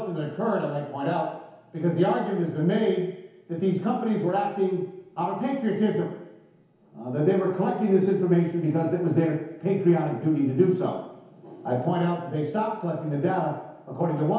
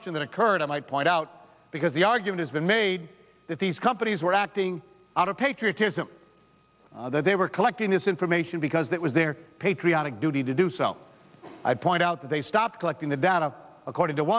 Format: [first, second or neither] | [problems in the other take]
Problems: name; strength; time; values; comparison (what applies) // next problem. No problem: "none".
second | room echo; dies away in 1 s